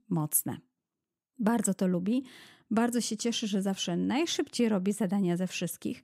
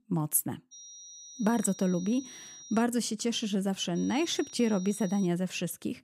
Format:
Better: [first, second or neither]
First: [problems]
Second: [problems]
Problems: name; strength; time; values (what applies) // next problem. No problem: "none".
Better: first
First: none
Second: high-pitched whine; noticeable; from 0.5 to 3 s and from 4 to 5.5 s; 6 kHz, 15 dB below the speech